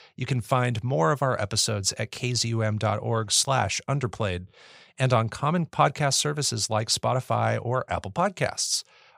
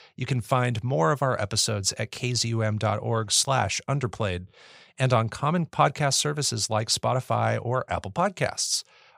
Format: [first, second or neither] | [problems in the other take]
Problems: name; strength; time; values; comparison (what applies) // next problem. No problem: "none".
neither | none